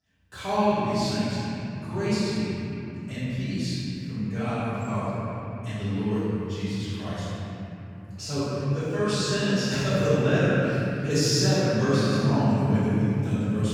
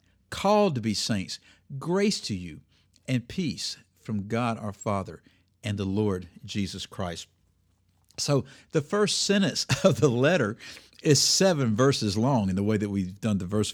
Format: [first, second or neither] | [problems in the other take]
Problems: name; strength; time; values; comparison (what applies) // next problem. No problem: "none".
second | room echo; strong; dies away in 3 s // off-mic speech; far